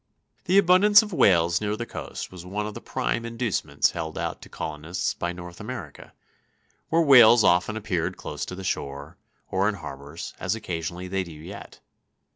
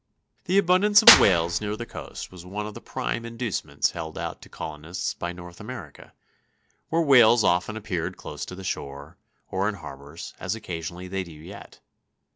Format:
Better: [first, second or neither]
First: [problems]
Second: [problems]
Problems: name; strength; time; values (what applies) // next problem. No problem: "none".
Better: first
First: none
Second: background sound (Clapping / Drum kit); 2 dB above the speech